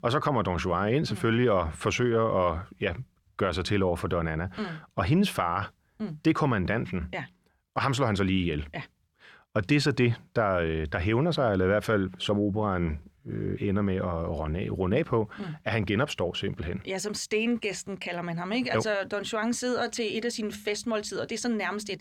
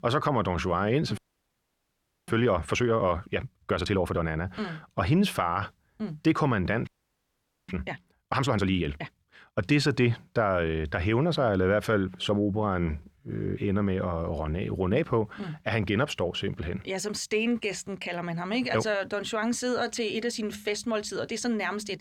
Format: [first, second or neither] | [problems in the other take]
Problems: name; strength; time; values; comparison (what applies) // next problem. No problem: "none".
first | audio freezing; at 1 s for 1 s and at 7 s for 1 s